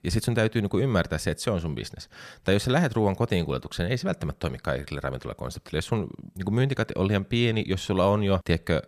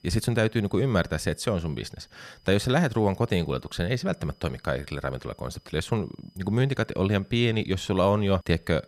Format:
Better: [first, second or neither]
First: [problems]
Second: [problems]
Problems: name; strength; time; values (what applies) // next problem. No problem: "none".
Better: first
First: none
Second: high-pitched whine; faint; throughout; 5 kHz, 35 dB below the speech